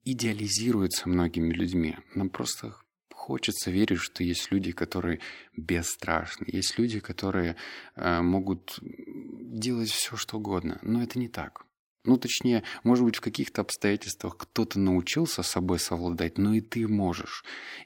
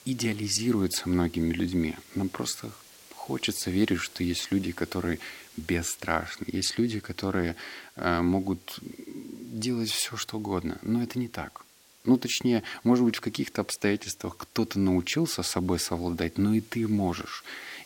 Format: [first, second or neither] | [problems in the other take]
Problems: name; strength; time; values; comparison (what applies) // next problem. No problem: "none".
first | hiss; faint; throughout; 25 dB below the speech